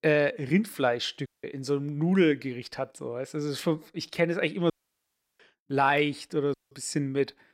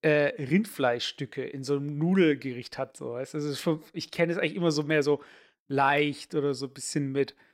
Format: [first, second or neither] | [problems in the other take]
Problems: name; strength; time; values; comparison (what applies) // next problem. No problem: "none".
second | audio cutting out; at 1.5 s, at 4.5 s for 0.5 s and at 6.5 s